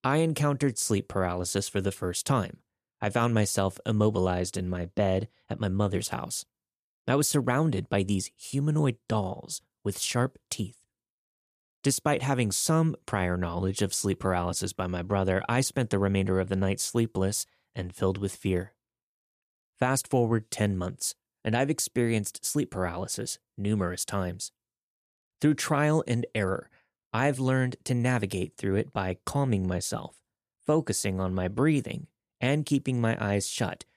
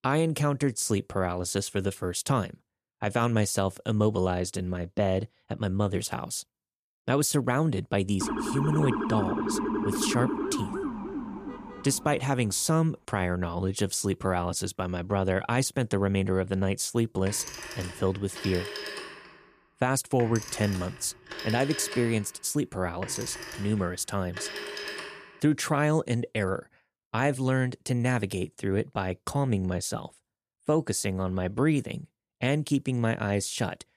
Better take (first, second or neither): first